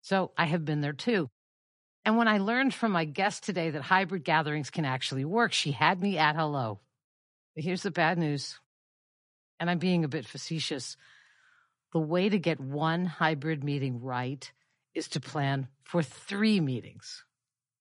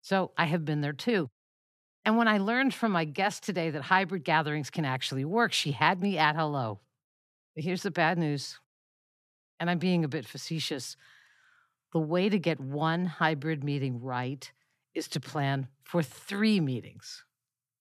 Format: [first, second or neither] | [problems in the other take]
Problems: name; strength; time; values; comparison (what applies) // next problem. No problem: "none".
second | garbled, watery; slightly; nothing above 10.5 kHz